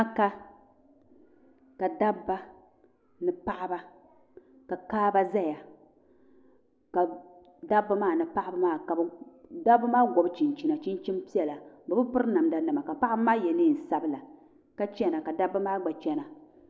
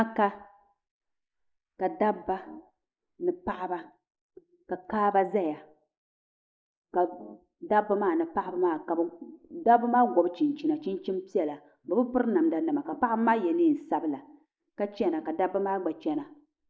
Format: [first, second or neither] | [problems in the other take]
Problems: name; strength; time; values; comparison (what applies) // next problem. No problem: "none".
first | noise reduction (neural mask model Resemble Enhance denoiser)